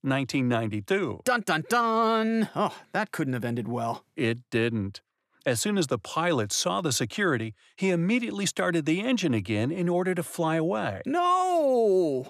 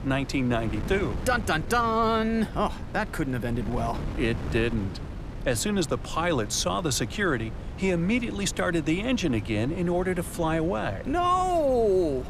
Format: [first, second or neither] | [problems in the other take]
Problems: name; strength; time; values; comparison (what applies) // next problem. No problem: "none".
first | wind noise on the microphone; occasional gusts; 15 dB below the speech